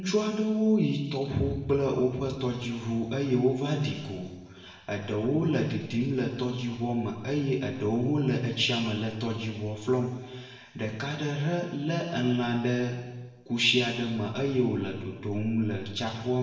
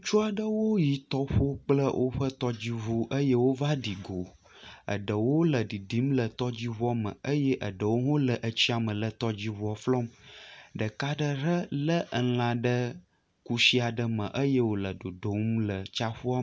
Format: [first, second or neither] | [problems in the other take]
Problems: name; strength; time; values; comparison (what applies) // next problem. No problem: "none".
second | room echo; dies away in 1.1 s